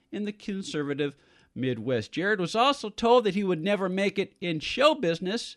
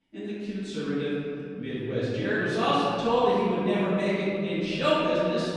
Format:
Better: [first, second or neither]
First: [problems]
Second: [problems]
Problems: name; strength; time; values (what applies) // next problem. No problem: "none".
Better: first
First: none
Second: off-mic speech; far // room echo; strong; dies away in 2.9 s